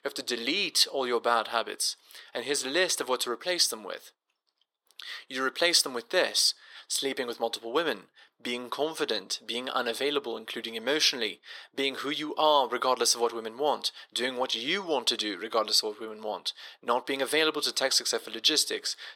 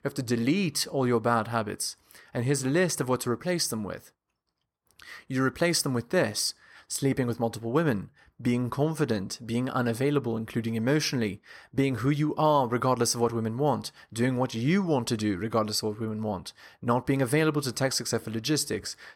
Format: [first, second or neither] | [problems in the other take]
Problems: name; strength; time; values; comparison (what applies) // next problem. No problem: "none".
second | thin; somewhat; fading below 400 Hz